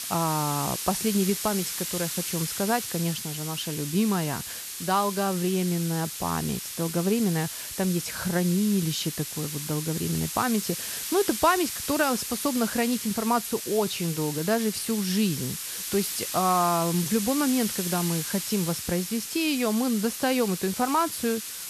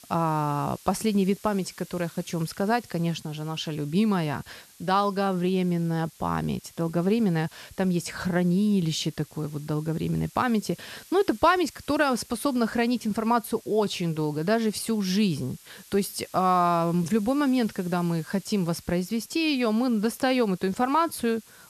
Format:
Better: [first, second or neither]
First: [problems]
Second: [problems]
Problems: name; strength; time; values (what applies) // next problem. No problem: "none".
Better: second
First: hiss; loud; throughout; 5 dB below the speech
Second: hiss; faint; throughout; 25 dB below the speech